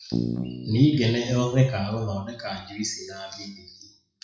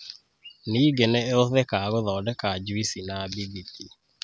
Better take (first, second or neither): second